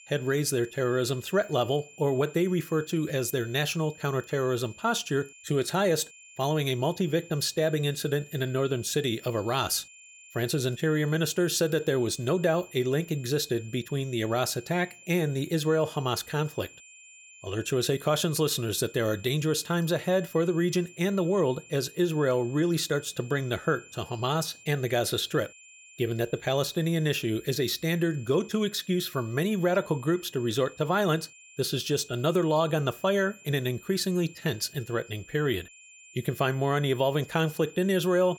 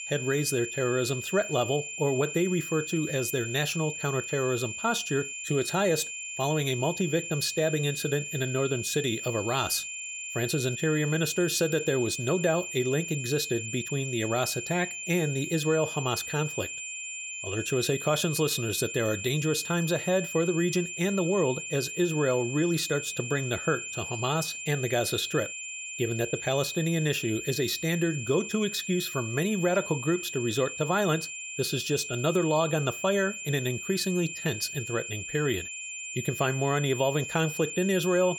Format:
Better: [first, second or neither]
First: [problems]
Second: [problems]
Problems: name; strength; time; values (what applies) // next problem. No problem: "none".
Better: first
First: high-pitched whine; faint; throughout; 2.5 kHz, 20 dB below the speech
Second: high-pitched whine; loud; throughout; 2.5 kHz, 6 dB below the speech